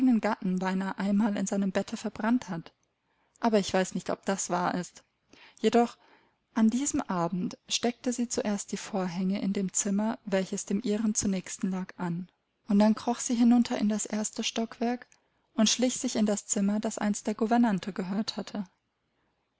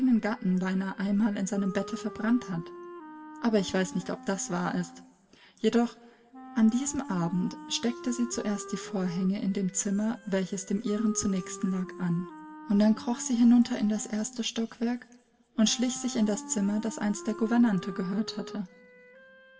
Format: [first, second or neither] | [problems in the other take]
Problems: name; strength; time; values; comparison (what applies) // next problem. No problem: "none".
first | background sound (Wind instrument, woodwind instrument); 16 dB below the speech // room echo; dies away in 1.5 s